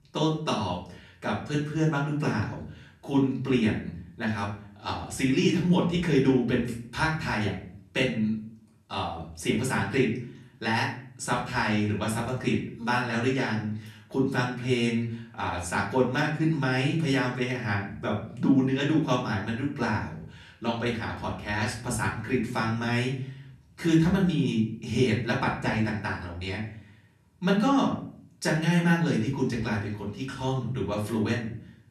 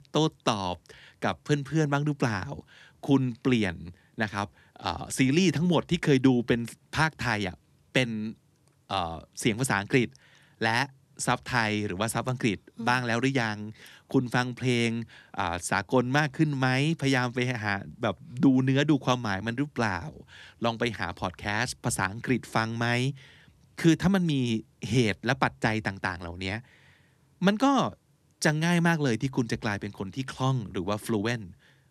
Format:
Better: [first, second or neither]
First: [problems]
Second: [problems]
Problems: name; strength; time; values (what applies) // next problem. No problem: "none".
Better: second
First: off-mic speech; far // room echo; slight; dies away in 0.5 s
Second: none